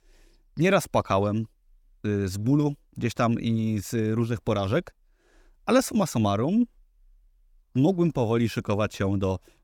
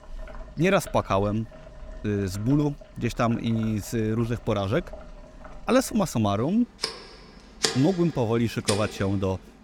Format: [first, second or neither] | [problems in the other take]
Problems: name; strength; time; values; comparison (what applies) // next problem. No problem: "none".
first | household noises; noticeable; throughout; 10 dB below the speech